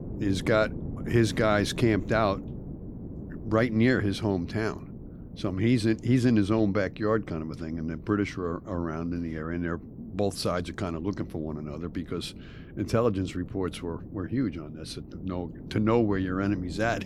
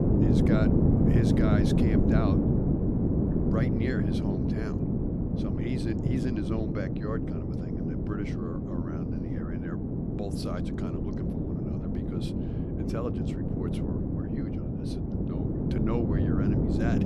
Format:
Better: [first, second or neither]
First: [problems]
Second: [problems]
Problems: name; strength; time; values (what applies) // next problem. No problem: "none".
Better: first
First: wind noise on the microphone; occasional gusts; 20 dB below the speech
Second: wind noise on the microphone; heavy; 4 dB above the speech